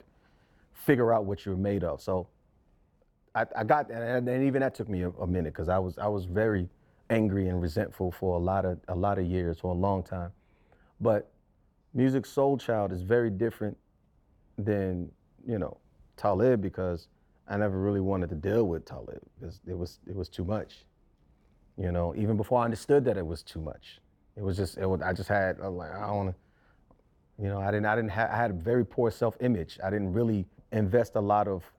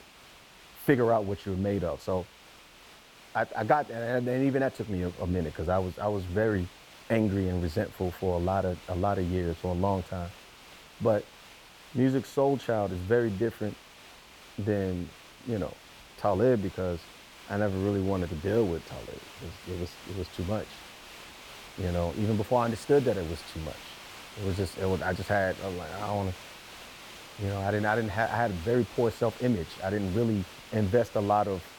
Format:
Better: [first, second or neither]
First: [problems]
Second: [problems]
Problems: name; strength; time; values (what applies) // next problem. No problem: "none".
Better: first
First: none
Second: hiss; noticeable; throughout; 15 dB below the speech